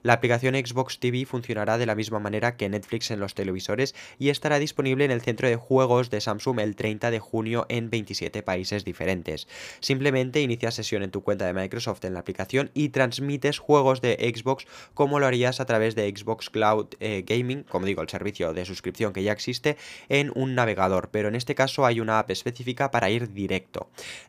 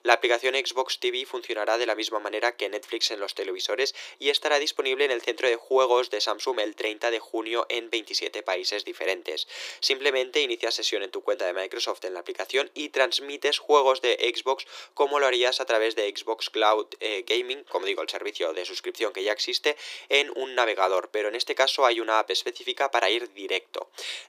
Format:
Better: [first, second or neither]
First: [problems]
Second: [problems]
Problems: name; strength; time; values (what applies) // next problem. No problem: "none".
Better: first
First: none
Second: thin; very; fading below 350 Hz